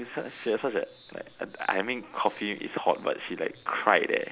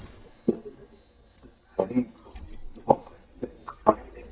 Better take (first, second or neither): first